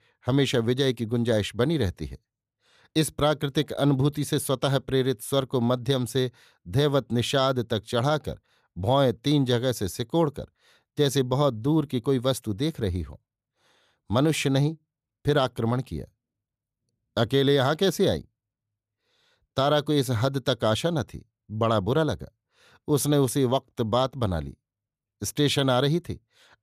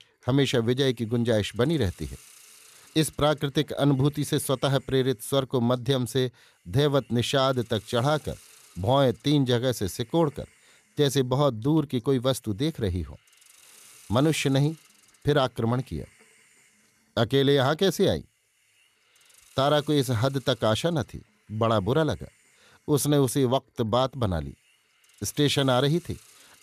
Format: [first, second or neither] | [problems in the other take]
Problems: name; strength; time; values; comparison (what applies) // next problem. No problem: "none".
first | hiss; faint; throughout; 30 dB below the speech